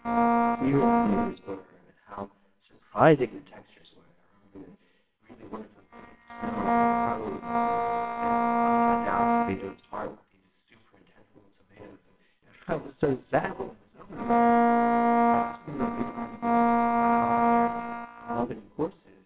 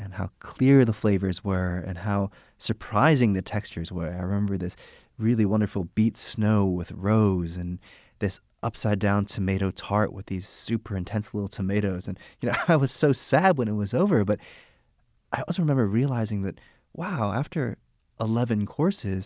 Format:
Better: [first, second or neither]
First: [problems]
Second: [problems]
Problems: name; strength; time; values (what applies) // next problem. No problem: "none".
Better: second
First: noise reduction (neural separator model SepFormer WHAMR!)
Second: none